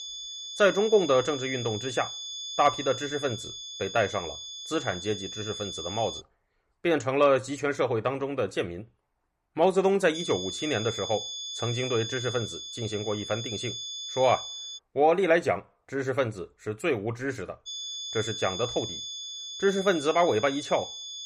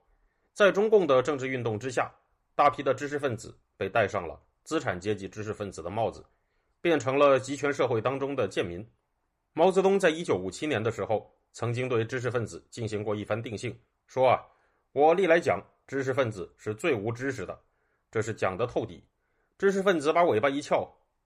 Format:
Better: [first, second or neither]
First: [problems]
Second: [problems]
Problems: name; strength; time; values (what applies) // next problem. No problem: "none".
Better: second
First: high-pitched whine; loud; until 6 s, from 10 to 15 s and from 18 s on; 3.5 kHz, 7 dB below the speech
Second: none